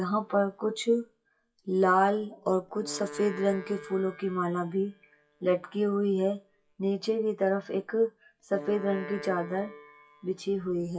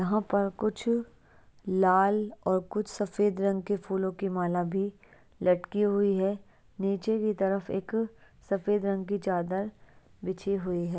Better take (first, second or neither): second